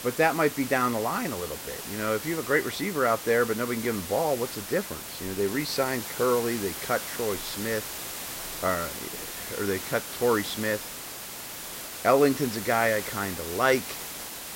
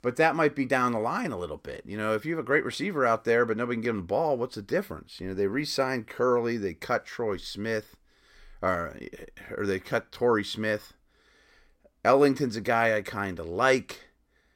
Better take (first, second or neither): second